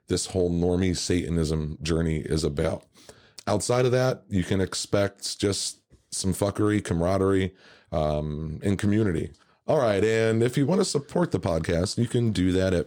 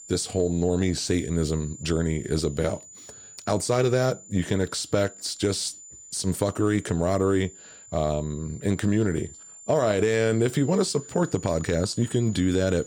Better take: first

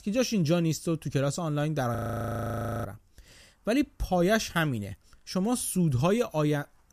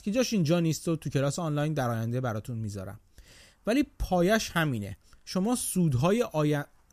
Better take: second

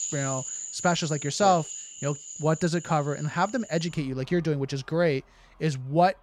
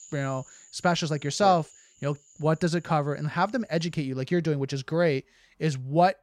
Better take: second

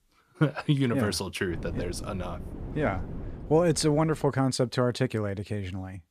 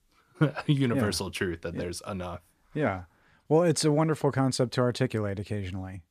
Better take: second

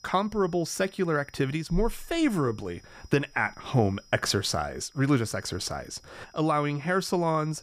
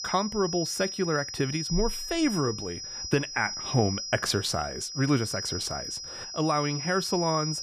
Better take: first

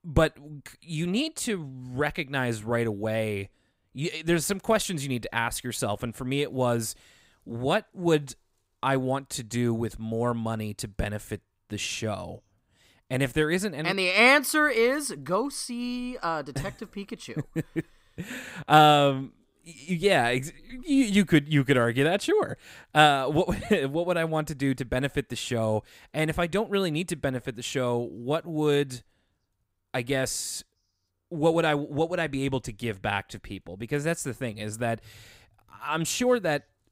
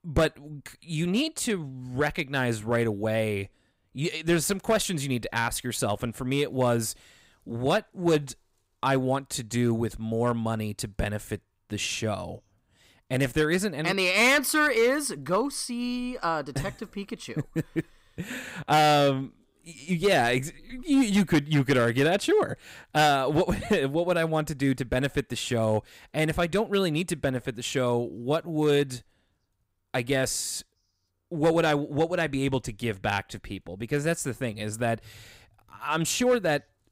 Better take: first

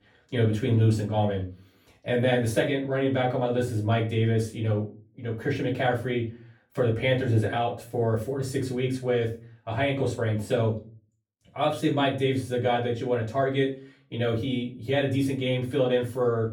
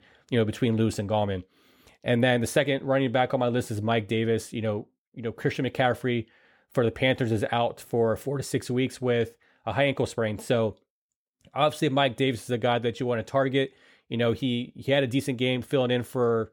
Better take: second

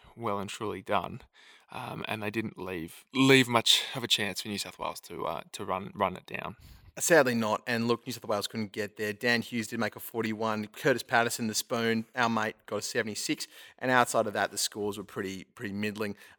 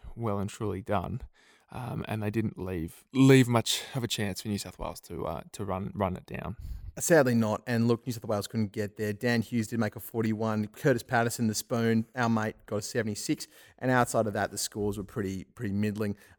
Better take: second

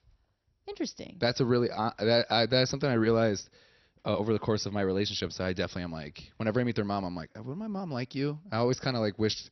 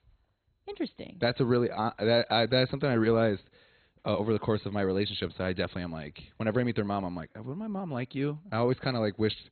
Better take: first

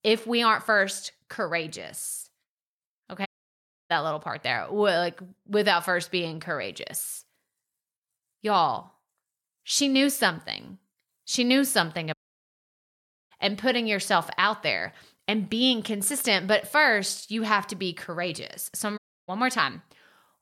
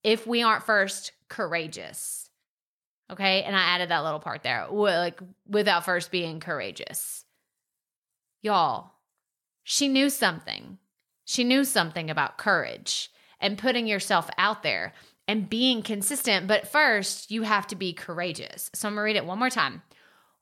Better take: second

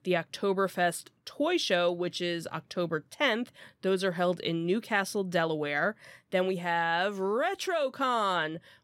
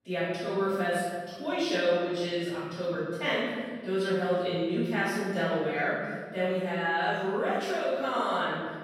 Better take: first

